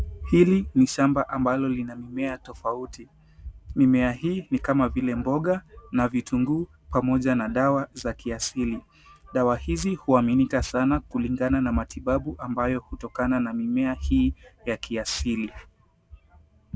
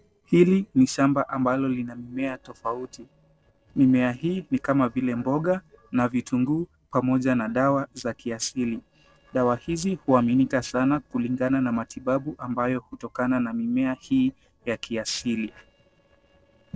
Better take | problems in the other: first | noise reduction (neural separator model SepFormer DNS4)

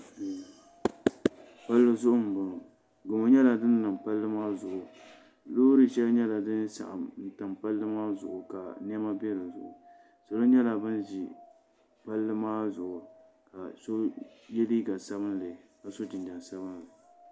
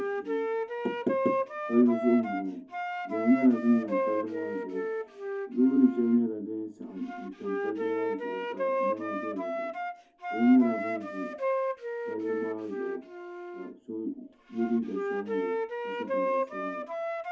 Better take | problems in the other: first | background sound (Wind instrument, woodwind instrument); 3 dB below the speech // room echo; dies away in 0.3 s

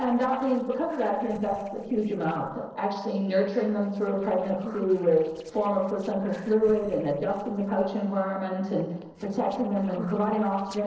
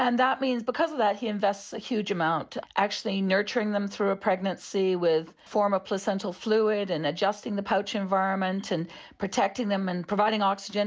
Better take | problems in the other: second | noise reduction (neural separator model SepFormer DNS4)

